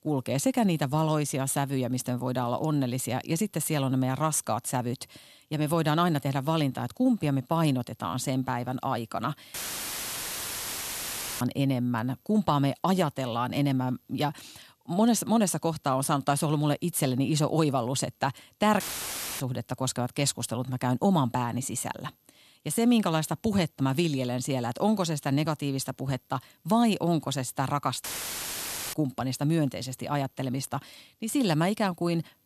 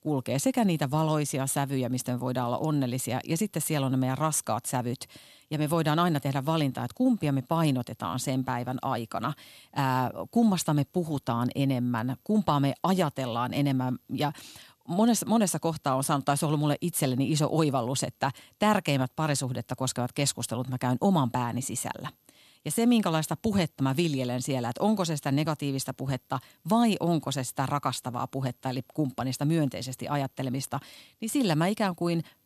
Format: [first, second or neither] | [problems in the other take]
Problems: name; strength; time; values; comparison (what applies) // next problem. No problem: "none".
second | audio cutting out; filled with static; at 9.5 s for 2 s, at 19 s for 0.5 s and at 28 s for 1 s